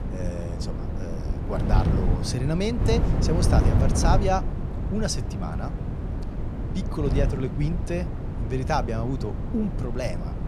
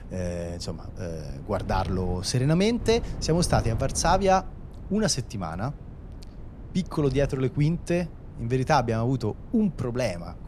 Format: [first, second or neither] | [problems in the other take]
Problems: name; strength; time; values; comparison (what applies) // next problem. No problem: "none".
second | wind noise on the microphone; heavy; 6 dB below the speech; occasional gusts in the second